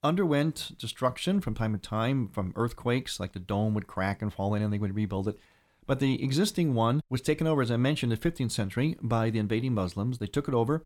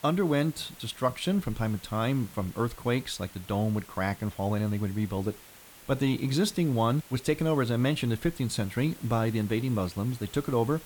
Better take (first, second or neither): first